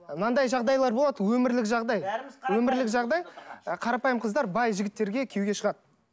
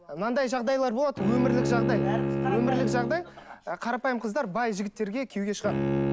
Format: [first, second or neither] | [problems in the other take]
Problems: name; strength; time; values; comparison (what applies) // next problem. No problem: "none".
first | background sound (Bowed string instrument); 2 dB below the speech